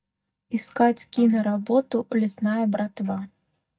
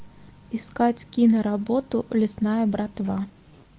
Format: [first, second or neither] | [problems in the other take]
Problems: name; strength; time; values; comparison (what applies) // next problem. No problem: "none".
second | noise reduction (neural mask model DeepFilterNet 3)